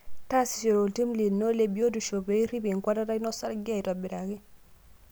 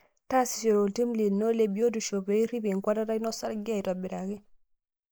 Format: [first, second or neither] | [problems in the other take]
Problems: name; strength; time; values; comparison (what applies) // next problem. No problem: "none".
first | noise reduction (neural mask model Resemble Enhance denoiser)